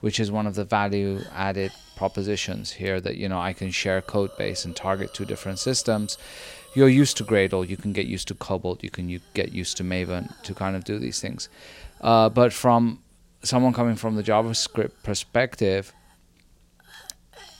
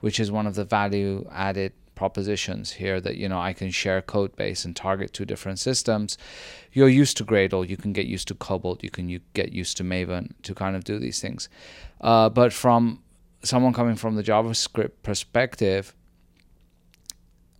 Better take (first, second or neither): second